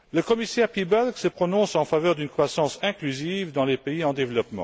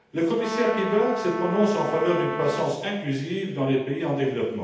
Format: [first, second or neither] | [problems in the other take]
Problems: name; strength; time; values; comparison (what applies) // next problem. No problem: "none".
first | background sound (Brass instrument); 7 dB below the speech // room echo; dies away in 0.8 s